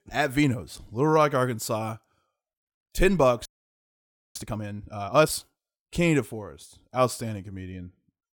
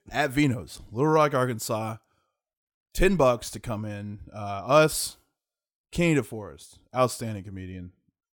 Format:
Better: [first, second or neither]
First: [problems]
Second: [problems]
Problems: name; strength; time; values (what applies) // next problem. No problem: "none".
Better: second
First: audio freezing; at 3.5 s for 1 s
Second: none